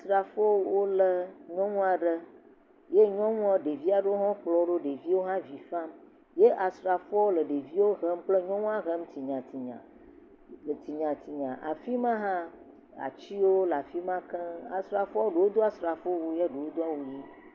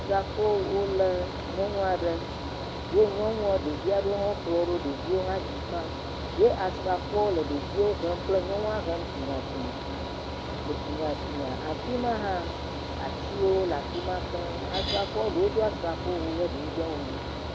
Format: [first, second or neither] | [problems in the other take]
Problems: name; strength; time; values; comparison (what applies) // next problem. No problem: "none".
first | background sound (Mechanical fan); 5 dB below the speech